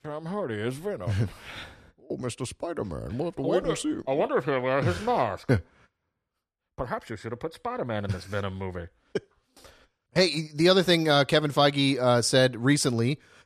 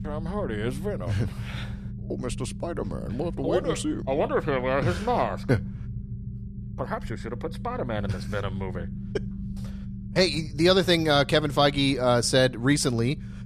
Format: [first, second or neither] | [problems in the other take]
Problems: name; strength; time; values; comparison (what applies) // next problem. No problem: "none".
first | low rumble; faint; throughout; 20 dB below the speech